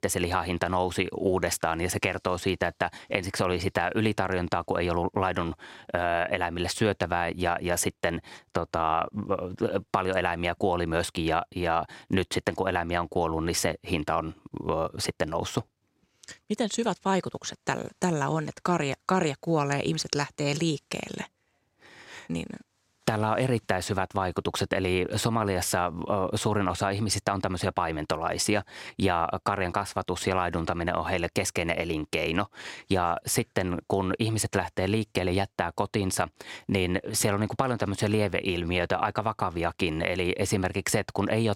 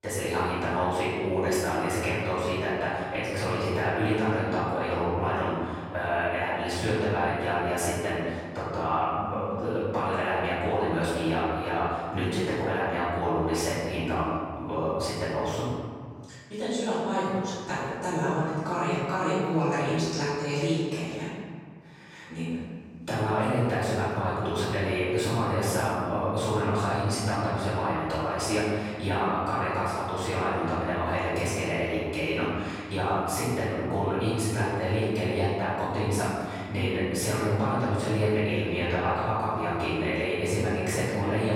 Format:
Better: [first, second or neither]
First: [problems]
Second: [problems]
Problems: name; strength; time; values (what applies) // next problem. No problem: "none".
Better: first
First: none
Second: off-mic speech; far // room echo; strong; dies away in 1.8 s